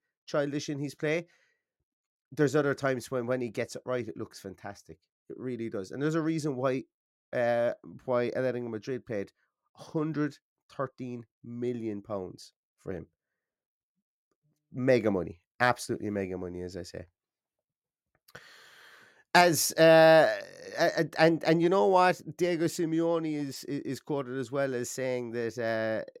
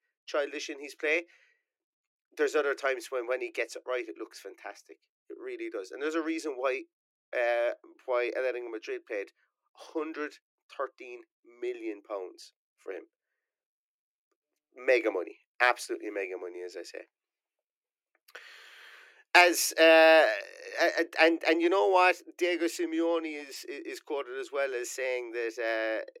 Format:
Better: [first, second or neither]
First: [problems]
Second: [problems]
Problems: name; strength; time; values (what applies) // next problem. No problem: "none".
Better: first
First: none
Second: thin; very; fading below 350 Hz